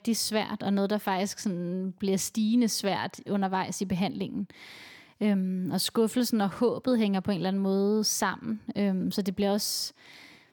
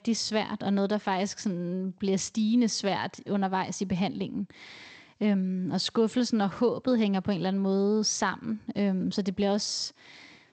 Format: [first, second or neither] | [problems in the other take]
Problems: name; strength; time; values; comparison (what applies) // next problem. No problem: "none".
first | garbled, watery; slightly; nothing above 8 kHz